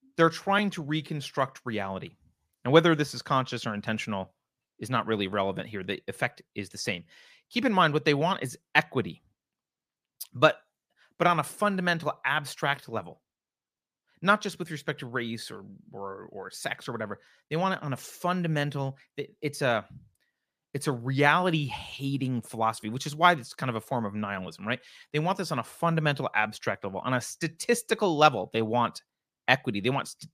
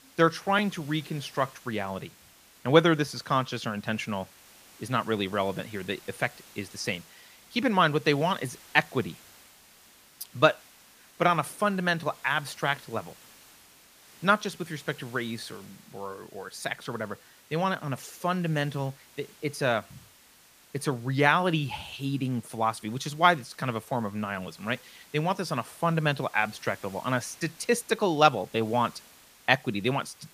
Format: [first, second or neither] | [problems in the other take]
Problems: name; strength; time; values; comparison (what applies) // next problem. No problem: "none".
first | hiss; faint; throughout; 25 dB below the speech